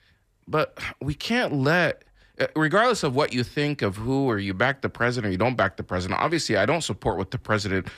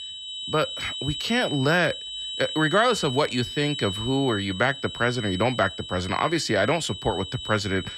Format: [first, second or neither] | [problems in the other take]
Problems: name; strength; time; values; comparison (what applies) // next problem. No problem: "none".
first | high-pitched whine; loud; throughout; 3 kHz, 7 dB below the speech